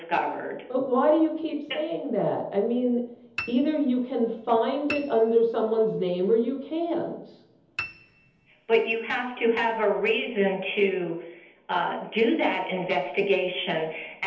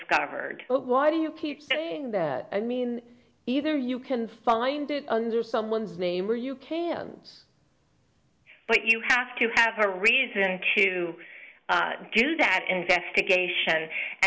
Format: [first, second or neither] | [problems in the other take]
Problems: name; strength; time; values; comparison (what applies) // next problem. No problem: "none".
second | background sound (Piano); 15 dB below the speech // room echo; dies away in 0.8 s